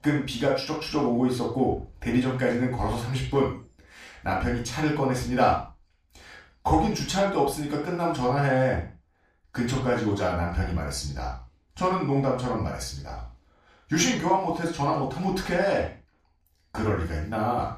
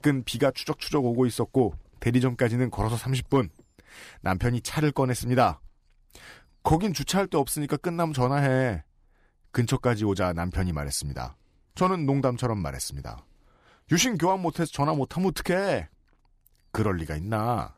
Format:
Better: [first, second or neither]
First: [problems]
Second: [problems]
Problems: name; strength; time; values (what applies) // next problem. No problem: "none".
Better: second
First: room echo; noticeable; dies away in 0.3 s // off-mic speech; far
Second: none